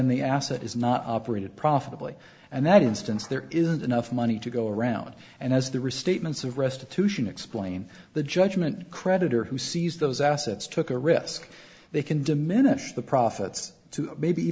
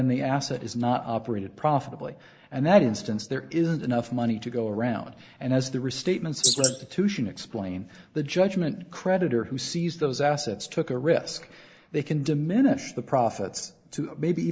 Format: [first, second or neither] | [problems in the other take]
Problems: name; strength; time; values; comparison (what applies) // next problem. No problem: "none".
first | noise reduction (neural mask model Resemble Enhance denoiser)